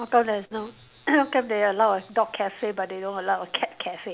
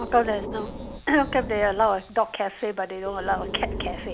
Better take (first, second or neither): first